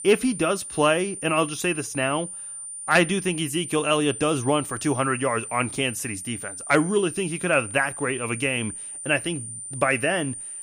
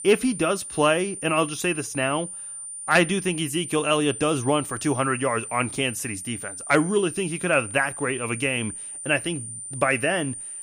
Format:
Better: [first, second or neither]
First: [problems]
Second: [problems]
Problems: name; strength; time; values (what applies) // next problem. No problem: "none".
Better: neither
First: high-pitched whine; loud; throughout; 9 kHz, 9 dB below the speech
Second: high-pitched whine; loud; throughout; 9 kHz, 9 dB below the speech